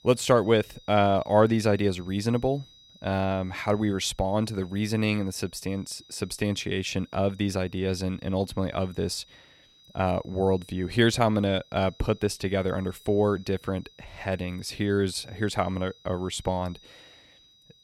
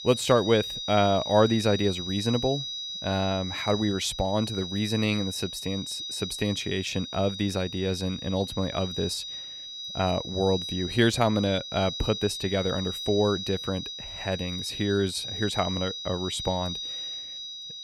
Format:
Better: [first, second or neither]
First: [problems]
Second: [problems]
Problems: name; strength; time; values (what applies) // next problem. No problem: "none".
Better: first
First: high-pitched whine; faint; throughout; 4 kHz, 25 dB below the speech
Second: high-pitched whine; loud; throughout; 4 kHz, 6 dB below the speech